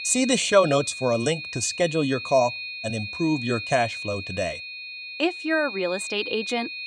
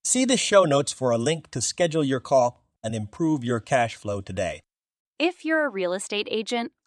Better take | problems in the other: second | high-pitched whine; loud; throughout; 2.5 kHz, 8 dB below the speech

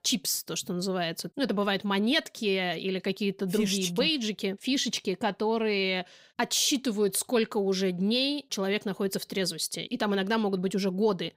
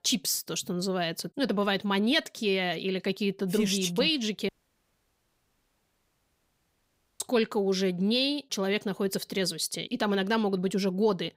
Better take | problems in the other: first | audio cutting out; at 4.5 s for 2.5 s

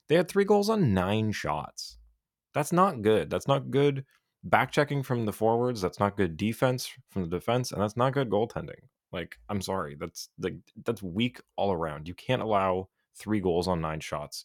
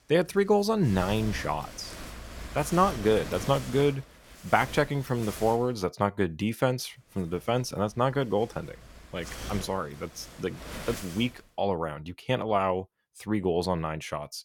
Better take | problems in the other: first | wind noise on the microphone; occasional gusts; until 5.5 s and from 7 to 11 s; 15 dB below the speech

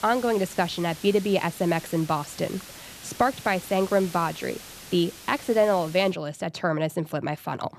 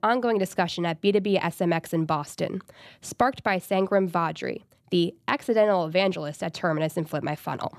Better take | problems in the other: second | hiss; noticeable; until 6 s; 15 dB below the speech

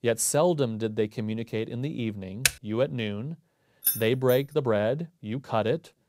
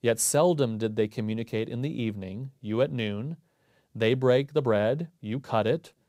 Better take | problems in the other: second | keyboard typing; very faint; at 2.5 s; peak 2 dB above the speech // jangling keys; loud; at 4 s; peak 1 dB above the speech

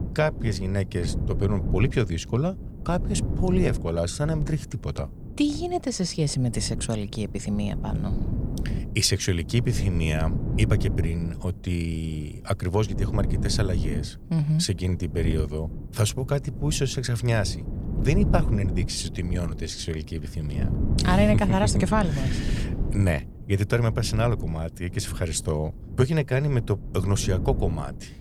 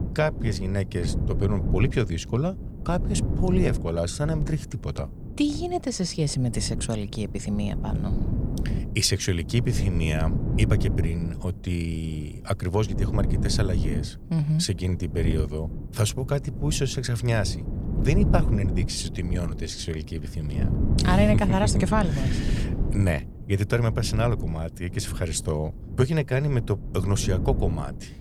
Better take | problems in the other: first | wind noise on the microphone; heavy; 9 dB below the speech; occasional gusts in the first

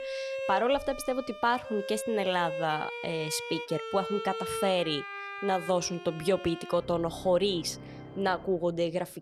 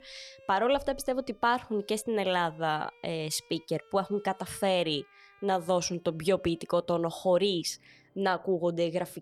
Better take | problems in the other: second | background music; loud; throughout; 8 dB below the speech; faint in the second

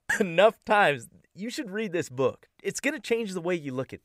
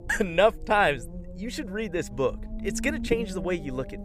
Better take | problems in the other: first | low rumble; noticeable; throughout; 20 dB below the speech

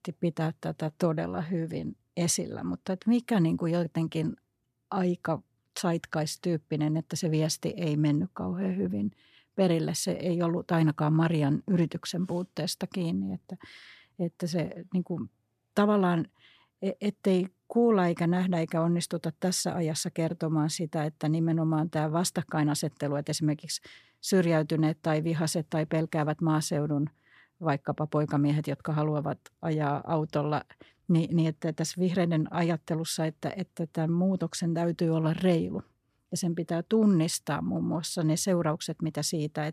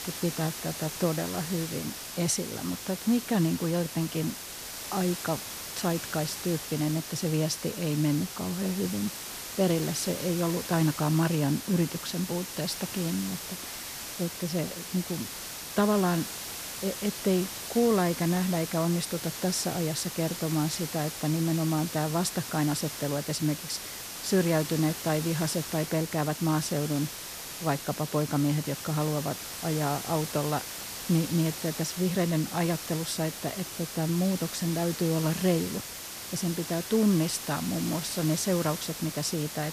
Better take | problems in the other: first | hiss; loud; throughout; 7 dB below the speech

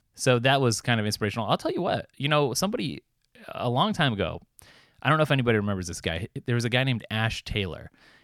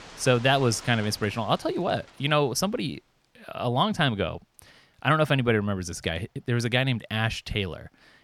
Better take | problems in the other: first | rain or running water; faint; throughout; 20 dB below the speech

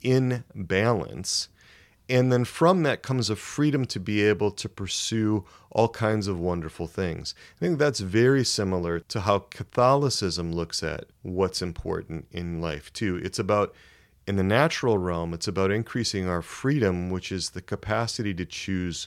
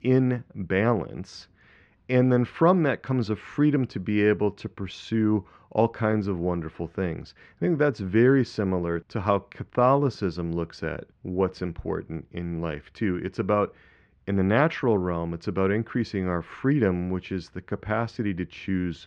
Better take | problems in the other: first | muffled; very; fading above 2 kHz

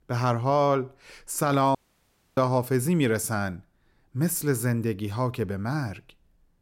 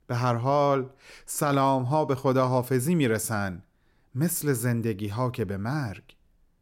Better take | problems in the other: second | audio cutting out; at 2 s for 0.5 s

